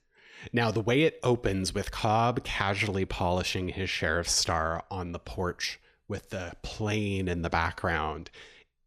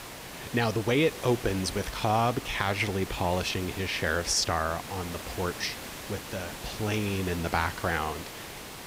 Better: first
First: none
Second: hiss; noticeable; throughout; 10 dB below the speech

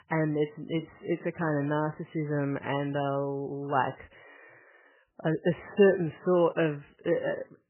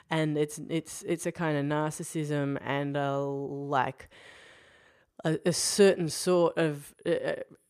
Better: second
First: garbled, watery; badly; nothing above 3 kHz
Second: none

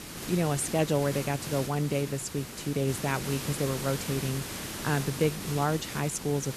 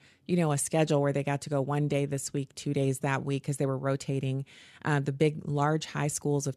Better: second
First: hiss; loud; throughout; 7 dB below the speech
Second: none

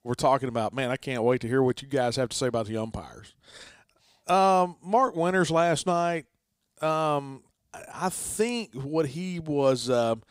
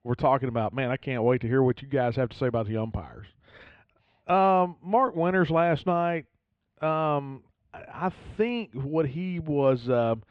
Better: first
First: none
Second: muffled; very; fading above 2.5 kHz

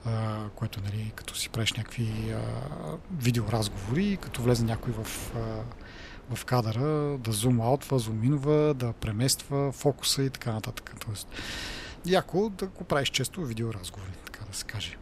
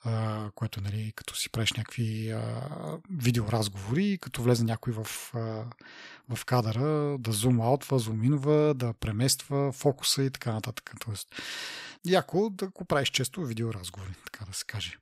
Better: second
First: wind noise on the microphone; occasional gusts; 20 dB below the speech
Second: none

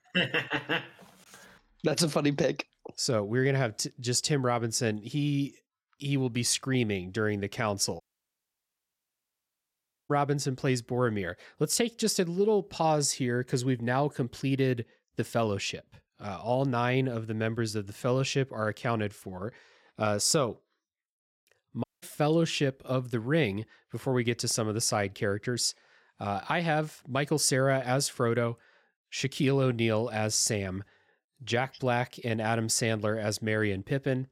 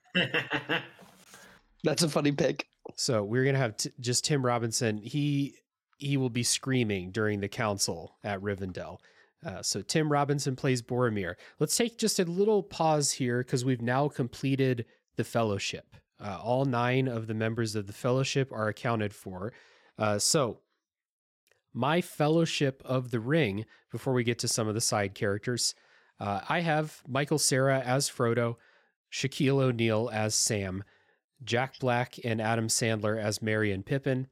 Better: second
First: audio cutting out; at 8 s for 2 s and at 22 s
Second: none

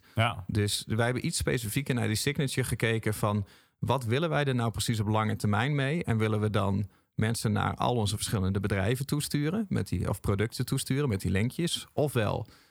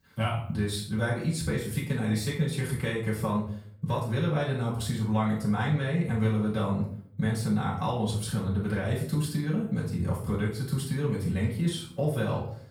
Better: first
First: none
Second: off-mic speech; far // room echo; noticeable; dies away in 0.5 s

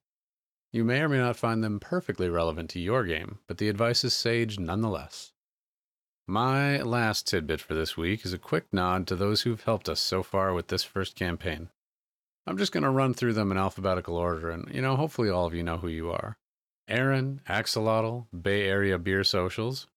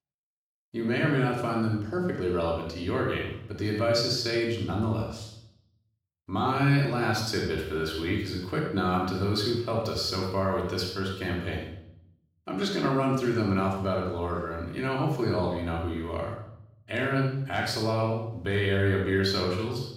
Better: first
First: none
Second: off-mic speech; far // room echo; noticeable; dies away in 0.6 s

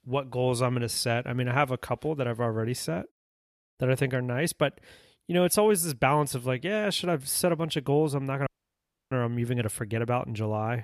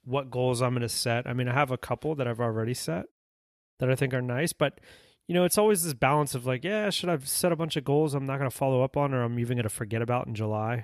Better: second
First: audio cutting out; at 8.5 s for 0.5 s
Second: none

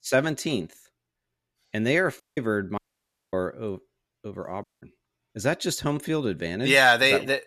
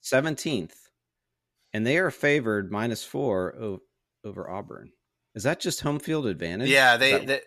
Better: second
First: audio cutting out; at 2 s, at 3 s for 0.5 s and at 4.5 s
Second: none

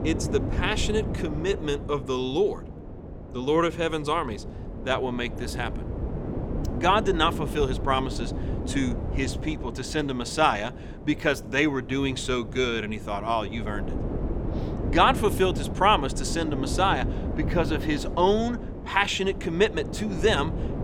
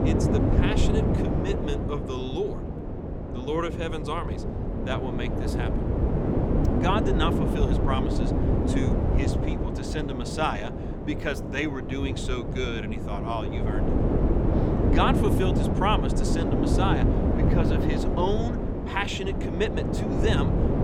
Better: first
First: wind noise on the microphone; occasional gusts; 15 dB below the speech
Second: wind noise on the microphone; heavy; 1 dB below the speech

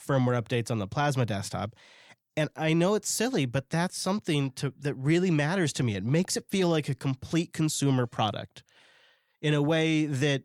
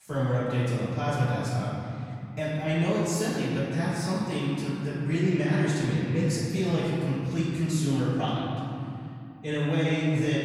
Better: first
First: none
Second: off-mic speech; far // room echo; strong; dies away in 2.8 s

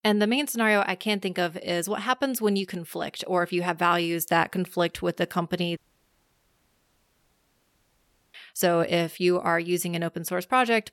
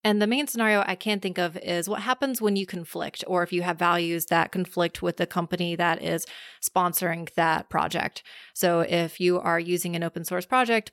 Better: second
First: audio cutting out; at 6 s for 2.5 s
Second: none

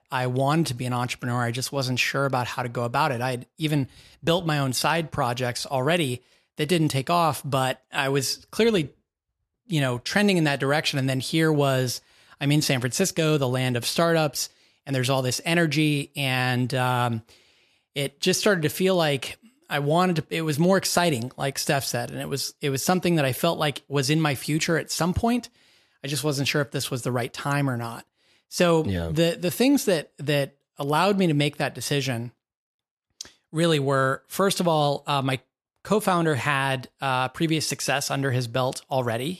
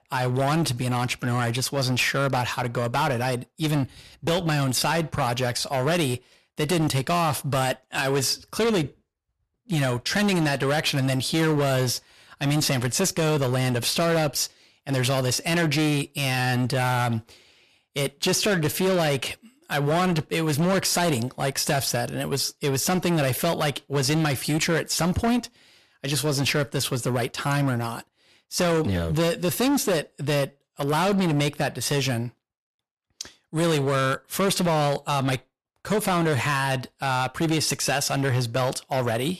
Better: first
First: none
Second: distortion; heavy; 15% of the sound clipped

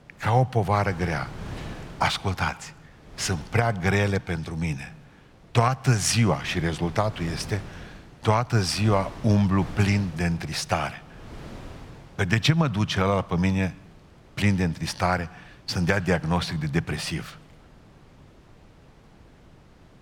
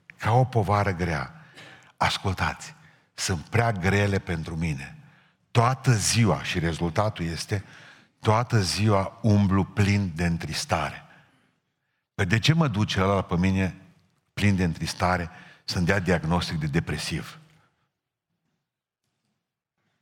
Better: second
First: wind noise on the microphone; occasional gusts; 20 dB below the speech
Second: none

